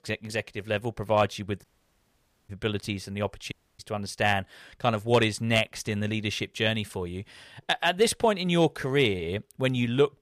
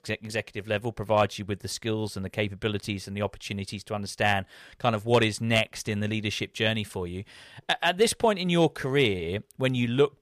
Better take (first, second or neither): second